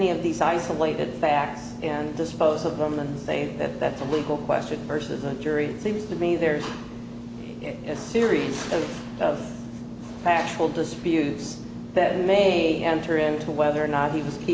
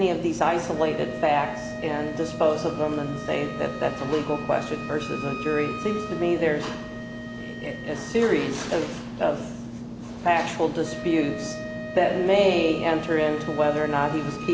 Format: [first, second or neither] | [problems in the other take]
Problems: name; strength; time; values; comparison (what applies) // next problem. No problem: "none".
first | background sound (Wind instrument, woodwind instrument); 14 dB below the speech